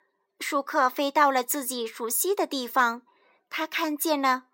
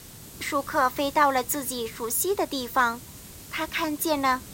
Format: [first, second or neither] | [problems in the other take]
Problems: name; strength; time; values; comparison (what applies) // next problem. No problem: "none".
first | hiss; noticeable; throughout; 15 dB below the speech